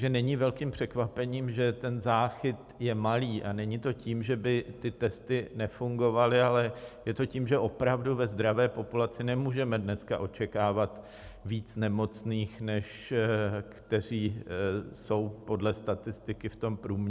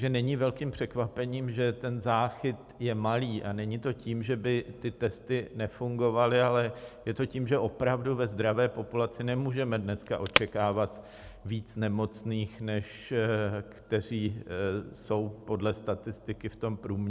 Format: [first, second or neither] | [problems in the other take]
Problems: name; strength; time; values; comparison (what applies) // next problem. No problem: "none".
first | background sound (Wood); 3 dB below the speech